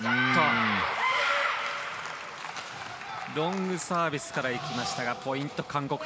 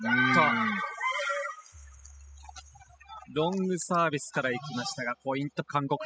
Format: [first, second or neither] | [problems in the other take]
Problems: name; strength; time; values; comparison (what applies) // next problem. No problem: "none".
first | noise reduction (classical method spectral subtraction)